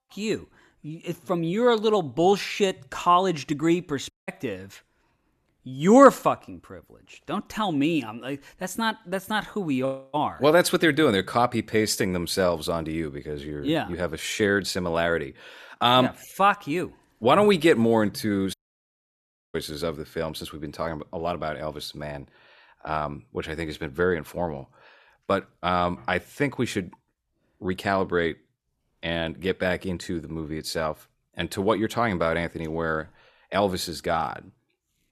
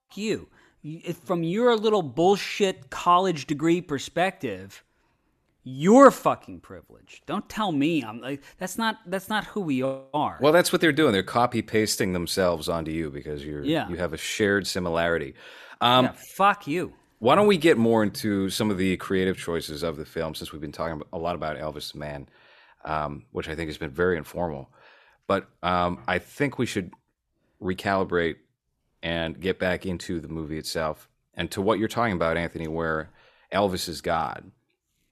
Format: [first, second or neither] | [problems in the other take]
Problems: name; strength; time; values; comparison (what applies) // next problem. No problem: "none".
second | audio cutting out; at 4 s and at 19 s for 1 s